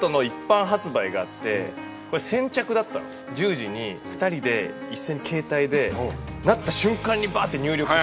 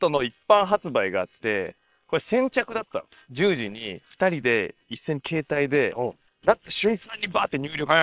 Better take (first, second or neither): first